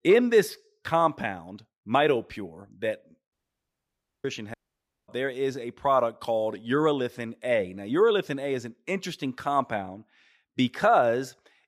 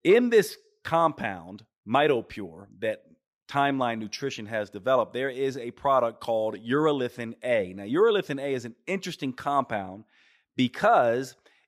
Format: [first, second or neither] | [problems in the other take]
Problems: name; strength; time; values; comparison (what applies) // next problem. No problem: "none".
second | audio cutting out; at 3.5 s for 1 s and at 4.5 s for 0.5 s